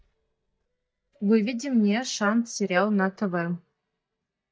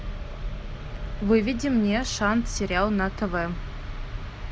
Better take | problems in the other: second | noise reduction (neural mask model DeepFilterNet 3)

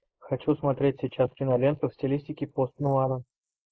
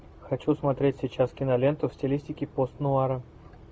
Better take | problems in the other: second | noise reduction (neural mask model Resemble Enhance denoiser)

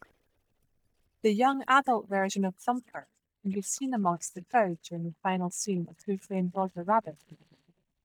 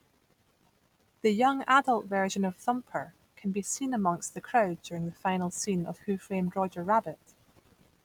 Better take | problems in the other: second | noise reduction (neural mask model DeepFilterNet 3)

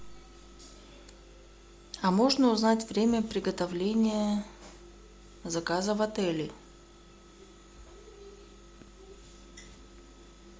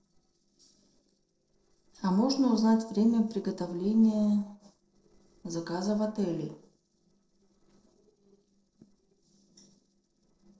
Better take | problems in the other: first | noise reduction (neural separator model SepFormer DNS4)

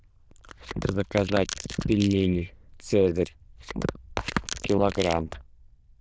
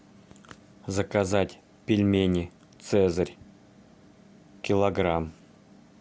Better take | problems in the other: second | noise reduction (neural diffusion model UNIVERSE++)

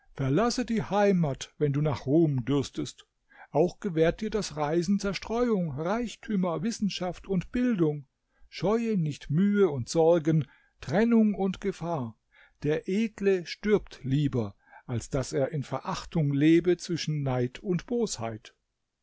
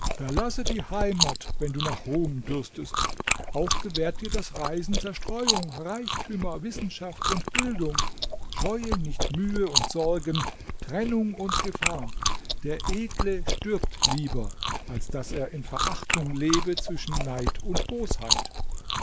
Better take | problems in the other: first | noise reduction (neural mask model Resemble Enhance denoiser)

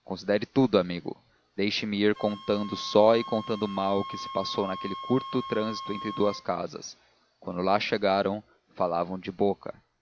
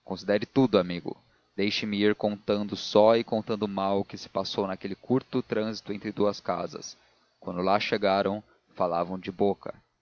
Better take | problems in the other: second | background sound (Wind instrument, woodwind instrument); 14 dB below the speech

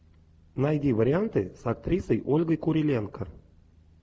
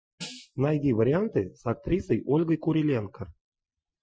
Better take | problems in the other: first | noise reduction (classical method Wiener filter)

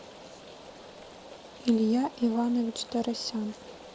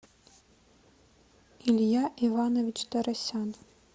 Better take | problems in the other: second | background sound (Rain); 17 dB below the speech

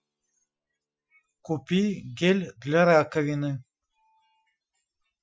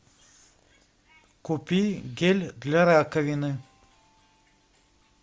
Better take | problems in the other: second | noise reduction (classical method Wiener filter)

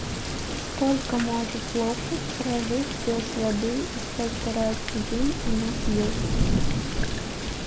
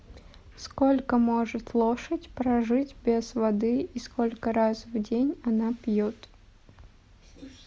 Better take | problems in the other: second | background sound (Thunder / Rain); 1 dB above the speech // room echo; dies away in 0.6 s

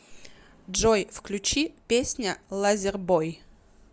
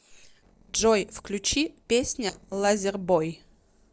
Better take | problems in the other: first | noise reduction (neural separator model SepFormer DNS4)

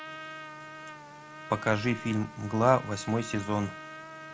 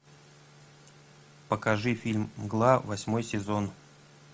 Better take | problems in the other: second | background sound (Trumpet); 13 dB below the speech

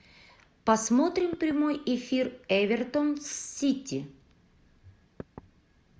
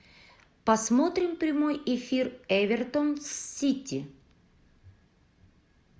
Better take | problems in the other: second | background sound (Knock / Wood); 19 dB below the speech

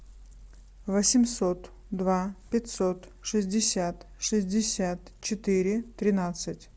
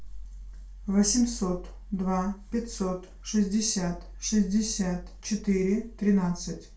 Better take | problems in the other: first | room echo; dies away in 0.3 s

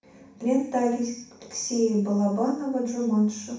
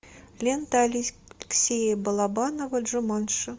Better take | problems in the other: second | room echo; dies away in 0.6 s

